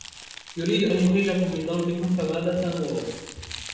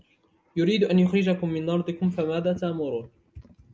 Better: second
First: background sound (Crumpling, crinkling); 17 dB below the speech // room echo; dies away in 0.9 s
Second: none

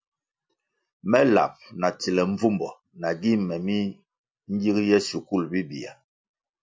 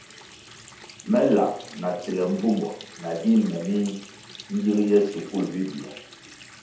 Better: first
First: none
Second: background sound (Water tap, faucet); 20 dB below the speech // room echo; dies away in 0.6 s

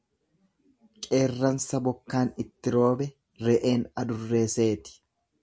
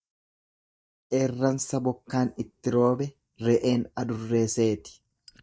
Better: first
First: none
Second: noise reduction (neural mask model DeepFilterNet 3)

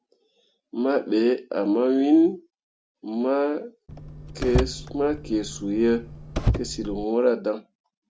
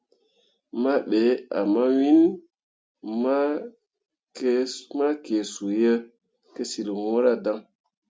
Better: second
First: background sound (Car); 5 dB below the speech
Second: none

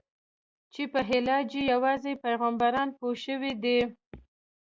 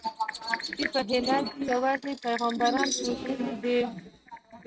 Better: first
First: none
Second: noise reduction (neural mask model RNNoise)

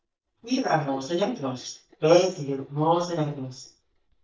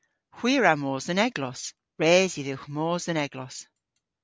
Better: second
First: noise reduction (neural mask model DeepFilterNet 3)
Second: none

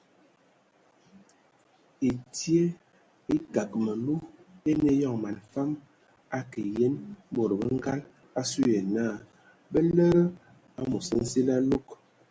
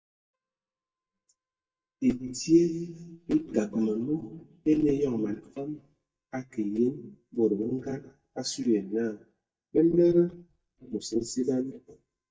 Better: first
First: none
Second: noise reduction (neural mask model DeepFilterNet 3)

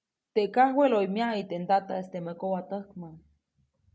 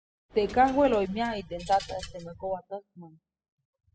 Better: first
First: none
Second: noise reduction (classical method spectral subtraction)

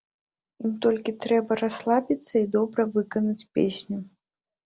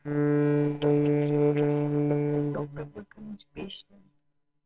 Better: first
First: none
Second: noise reduction (neural separator model SepFormer WHAMR!)

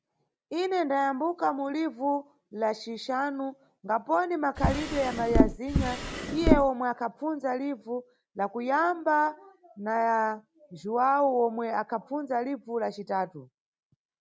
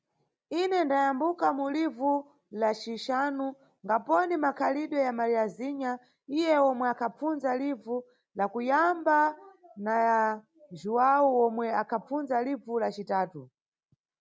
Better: second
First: background sound (Drawer open or close); 3 dB above the speech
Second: none

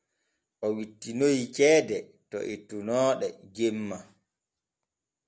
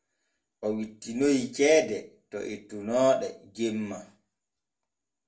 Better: first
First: none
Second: room echo; dies away in 0.2 s

